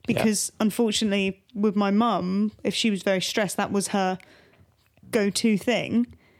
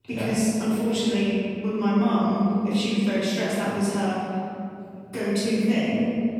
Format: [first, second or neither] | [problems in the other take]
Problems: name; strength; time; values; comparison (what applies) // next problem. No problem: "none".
first | off-mic speech; far // room echo; strong; dies away in 2.6 s